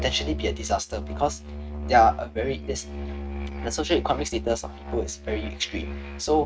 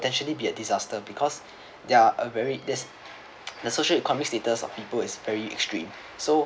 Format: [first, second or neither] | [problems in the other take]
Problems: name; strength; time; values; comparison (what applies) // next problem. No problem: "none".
second | noise reduction (neural mask model RNNoise)